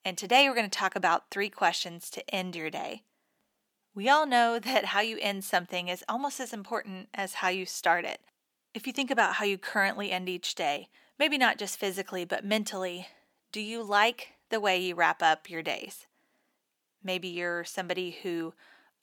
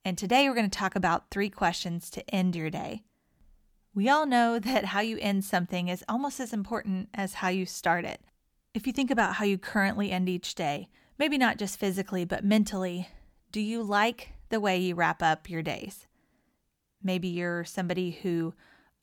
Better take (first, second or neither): second